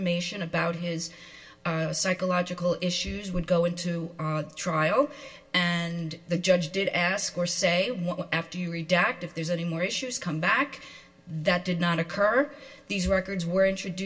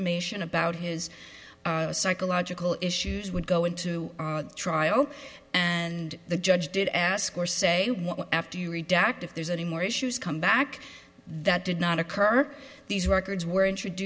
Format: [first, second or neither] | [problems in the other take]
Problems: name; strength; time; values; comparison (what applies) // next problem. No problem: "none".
second | room echo; dies away in 0.2 s